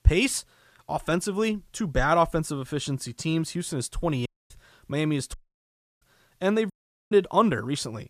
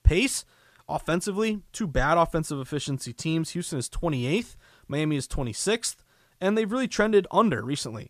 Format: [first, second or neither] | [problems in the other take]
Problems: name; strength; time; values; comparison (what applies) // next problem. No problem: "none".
second | audio cutting out; at 4.5 s, at 5.5 s for 0.5 s and at 6.5 s